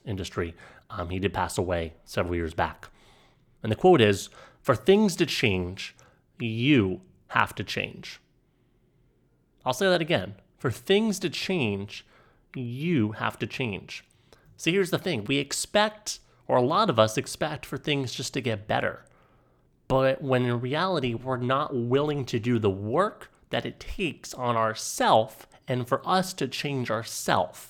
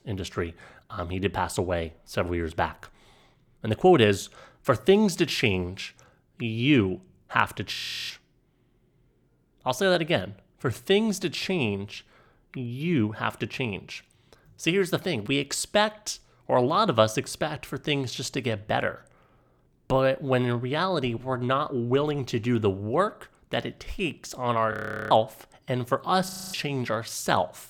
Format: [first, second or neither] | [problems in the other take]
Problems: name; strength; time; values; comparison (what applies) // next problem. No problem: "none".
first | audio freezing; at 7.5 s, at 25 s and at 26 s